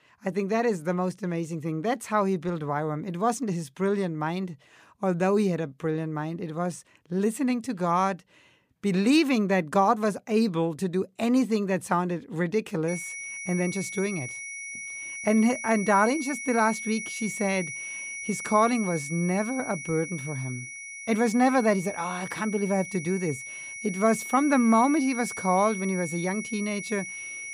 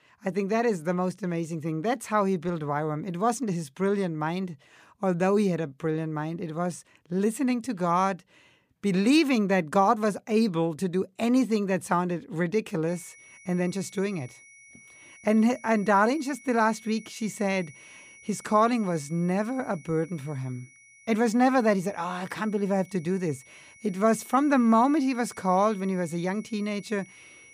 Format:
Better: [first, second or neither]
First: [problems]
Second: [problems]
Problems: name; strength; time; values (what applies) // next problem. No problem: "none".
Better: second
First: high-pitched whine; loud; from 13 s on; 2 kHz, 8 dB below the speech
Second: high-pitched whine; faint; from 13 s on; 2 kHz, 25 dB below the speech